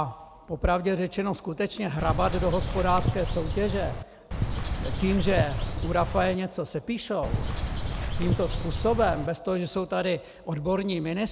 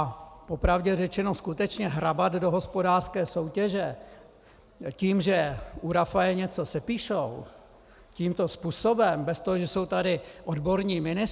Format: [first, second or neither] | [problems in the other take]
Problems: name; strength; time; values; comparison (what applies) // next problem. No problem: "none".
second | background sound (Bird); 1 dB below the speech